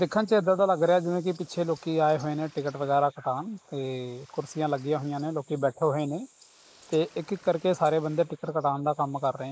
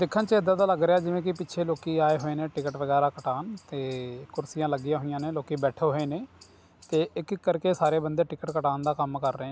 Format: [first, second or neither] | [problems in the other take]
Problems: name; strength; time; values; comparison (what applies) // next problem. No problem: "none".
second | noise reduction (neural mask model Resemble Enhance denoiser)